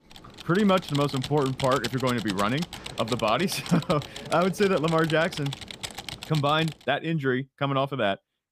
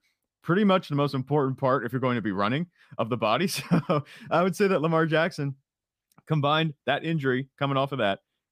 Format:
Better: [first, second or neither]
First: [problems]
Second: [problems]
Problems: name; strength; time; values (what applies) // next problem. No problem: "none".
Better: second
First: keyboard typing; noticeable; until 6.5 s; peak 7 dB below the speech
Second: none